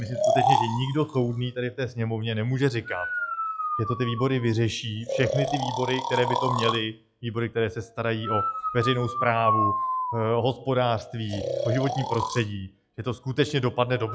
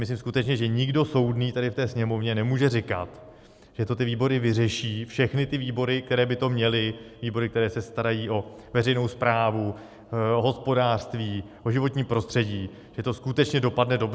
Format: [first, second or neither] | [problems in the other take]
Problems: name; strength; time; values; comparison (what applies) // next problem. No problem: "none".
second | noise reduction (classical method log-MMSE)